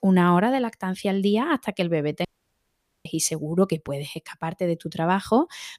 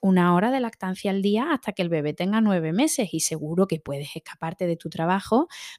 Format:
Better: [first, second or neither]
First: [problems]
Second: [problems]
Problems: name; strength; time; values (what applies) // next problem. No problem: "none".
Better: second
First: audio cutting out; at 2.5 s for 1 s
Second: none